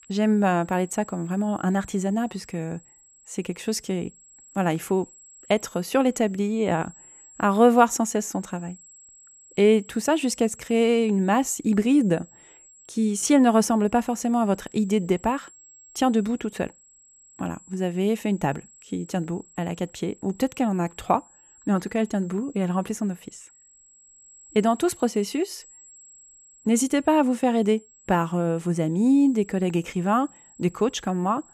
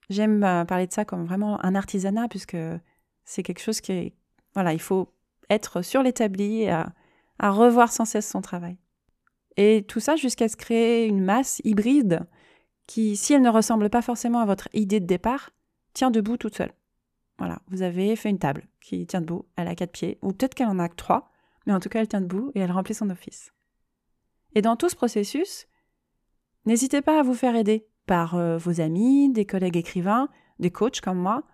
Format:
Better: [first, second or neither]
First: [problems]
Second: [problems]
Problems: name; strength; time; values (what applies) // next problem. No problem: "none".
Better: second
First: high-pitched whine; faint; throughout; 7.5 kHz, 25 dB below the speech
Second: none